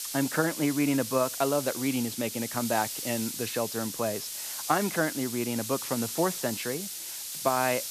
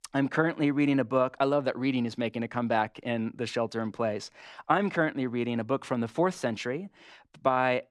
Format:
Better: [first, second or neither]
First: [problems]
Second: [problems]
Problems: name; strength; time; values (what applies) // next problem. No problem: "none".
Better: second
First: hiss; loud; throughout; 4 dB below the speech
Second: none